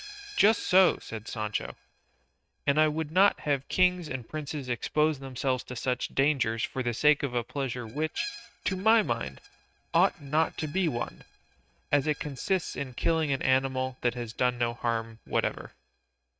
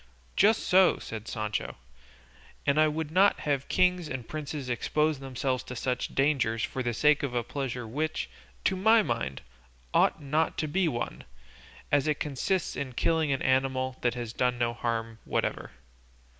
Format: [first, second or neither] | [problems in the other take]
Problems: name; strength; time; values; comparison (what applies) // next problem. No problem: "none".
second | noise reduction (neural mask model RNNoise)